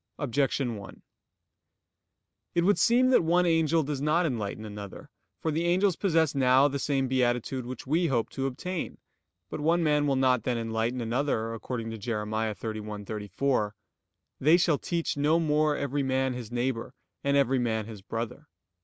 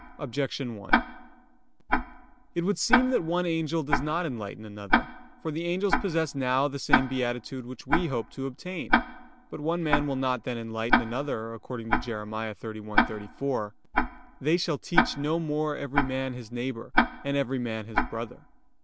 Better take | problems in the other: first | background sound (Tick-tock); as loud as the speech

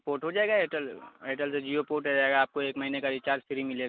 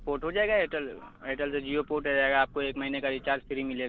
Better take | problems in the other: first | background sound (Thunder); 19 dB below the speech

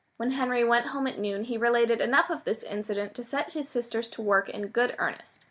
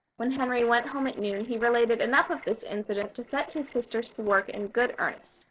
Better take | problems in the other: first | noise reduction (neural separator model SepFormer DNS4)

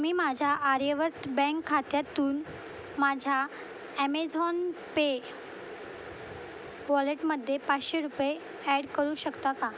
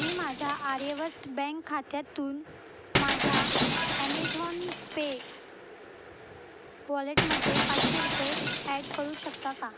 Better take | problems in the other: first | background sound (Shatter); 3 dB above the speech

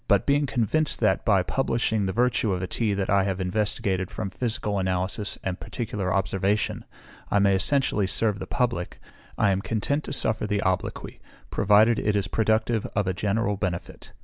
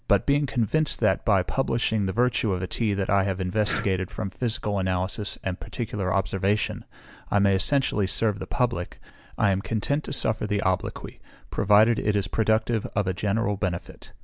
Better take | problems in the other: first | background sound (Breathing); 16 dB below the speech

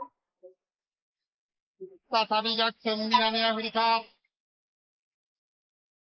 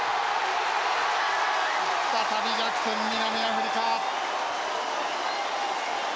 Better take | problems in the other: second | noise reduction (neural mask model Resemble Enhance denoiser)

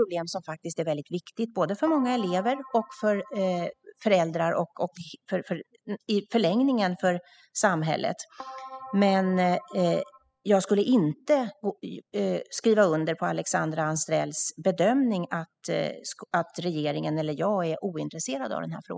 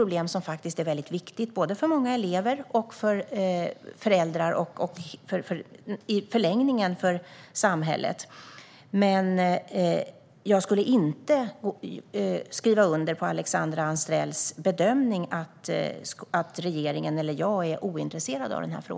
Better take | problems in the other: second | noise reduction (classical method spectral subtraction)

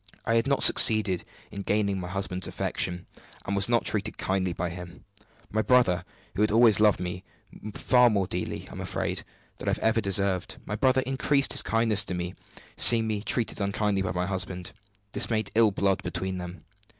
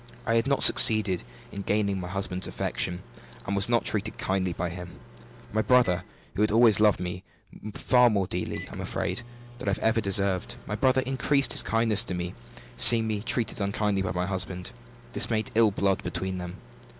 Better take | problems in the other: first | background sound (Microwave oven); 20 dB below the speech

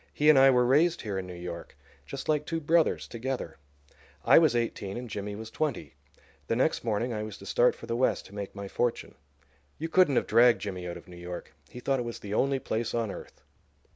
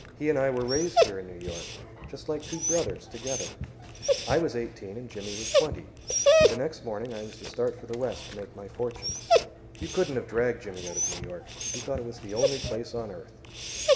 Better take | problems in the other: first | background sound (Dog); 3 dB above the speech // room echo; dies away in 1.3 s

